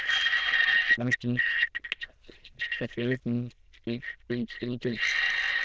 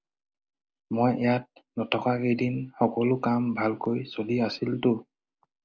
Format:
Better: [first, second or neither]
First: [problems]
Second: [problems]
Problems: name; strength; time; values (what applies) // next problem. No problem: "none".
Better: second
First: noise reduction (neural diffusion model UNIVERSE++)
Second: none